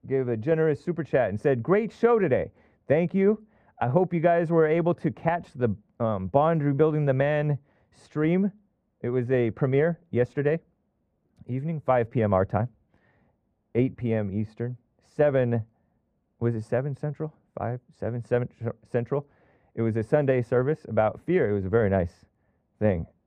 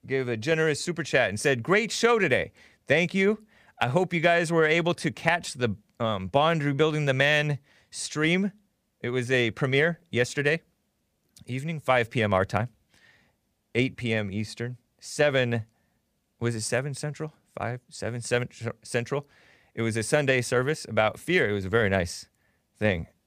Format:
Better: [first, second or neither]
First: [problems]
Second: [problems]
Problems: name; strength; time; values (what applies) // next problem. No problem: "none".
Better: second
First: muffled; very; fading above 2 kHz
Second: none